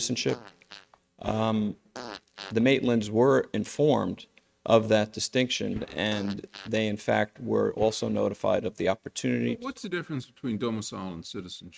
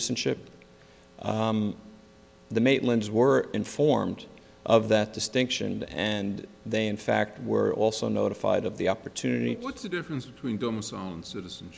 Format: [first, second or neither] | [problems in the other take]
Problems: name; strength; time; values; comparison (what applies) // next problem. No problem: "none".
second | noise reduction (neural mask model RNNoise)